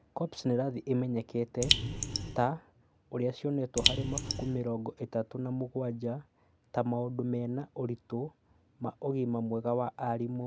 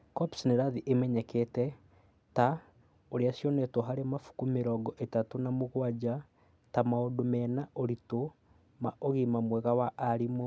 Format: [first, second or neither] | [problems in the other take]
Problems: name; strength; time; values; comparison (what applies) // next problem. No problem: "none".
second | background sound (Raindrop); 2 dB above the speech